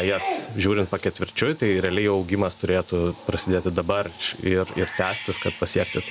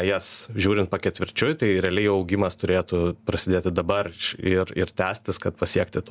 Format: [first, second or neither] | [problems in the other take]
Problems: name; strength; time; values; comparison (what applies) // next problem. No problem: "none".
second | background sound (Bathtub (filling or washing) / Cat); 13 dB below the speech